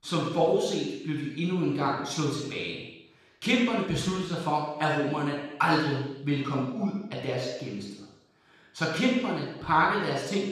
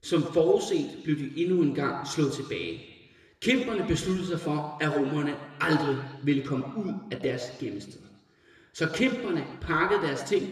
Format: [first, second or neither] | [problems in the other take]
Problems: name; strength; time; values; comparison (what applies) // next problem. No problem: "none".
second | room echo; strong; dies away in 0.9 s; slight in the second // off-mic speech; far; somewhat distant in the second